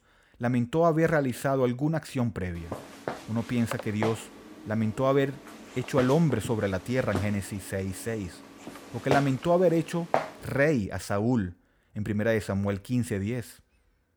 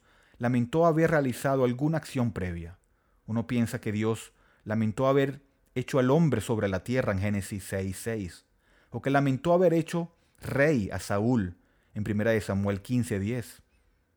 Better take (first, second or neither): second